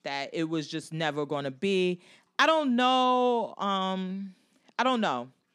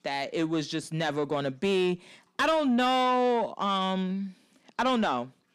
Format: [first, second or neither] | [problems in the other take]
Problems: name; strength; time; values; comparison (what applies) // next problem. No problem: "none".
first | distortion; slight; 10 dB below the speech